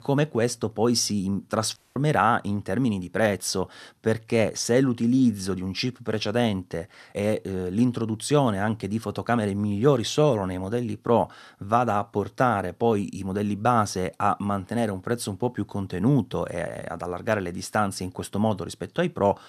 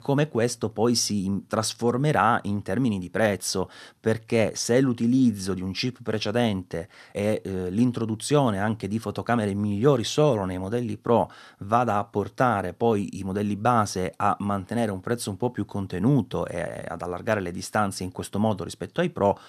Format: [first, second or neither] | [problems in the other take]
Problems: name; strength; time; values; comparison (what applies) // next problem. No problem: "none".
second | audio cutting out; at 2 s